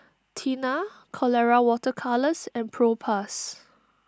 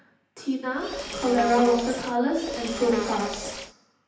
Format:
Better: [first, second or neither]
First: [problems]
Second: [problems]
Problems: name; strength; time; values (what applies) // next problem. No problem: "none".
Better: first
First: none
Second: background sound (Insect); 6 dB below the speech // room echo; dies away in 0.9 s